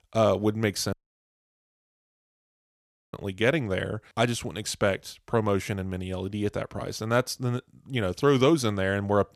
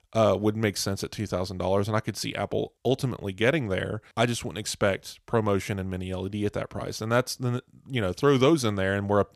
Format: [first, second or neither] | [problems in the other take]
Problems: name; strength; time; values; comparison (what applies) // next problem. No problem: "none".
second | audio cutting out; at 1 s for 2 s